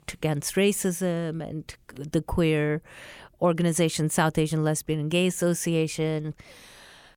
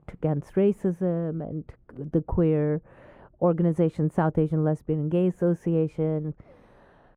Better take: first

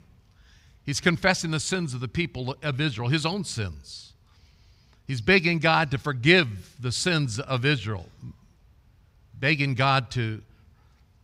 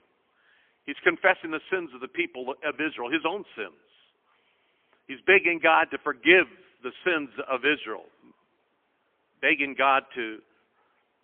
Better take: first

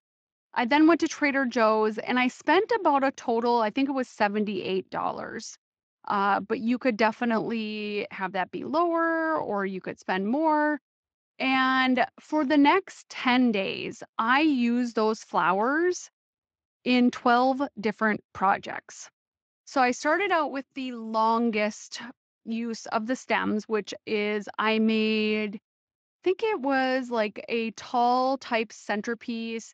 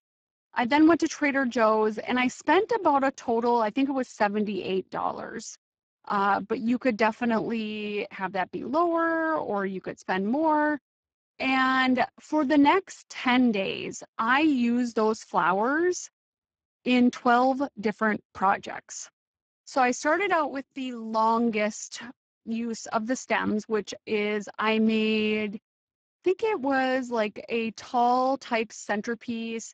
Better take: first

